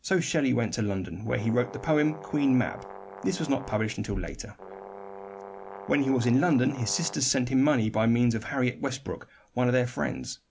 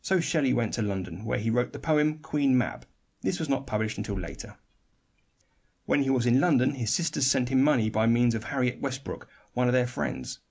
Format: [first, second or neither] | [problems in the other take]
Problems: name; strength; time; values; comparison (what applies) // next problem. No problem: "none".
second | background sound (Brass instrument); 15 dB below the speech